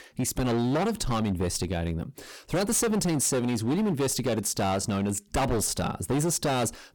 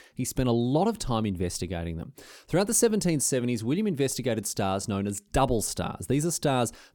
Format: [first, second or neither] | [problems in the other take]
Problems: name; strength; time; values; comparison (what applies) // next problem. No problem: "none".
second | distortion; heavy; 20% of the sound clipped